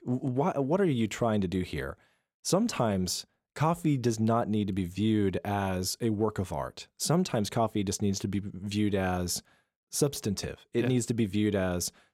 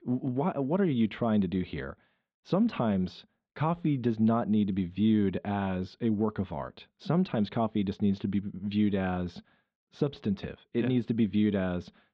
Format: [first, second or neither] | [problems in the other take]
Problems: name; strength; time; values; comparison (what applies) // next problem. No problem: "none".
first | muffled; very; fading above 3.5 kHz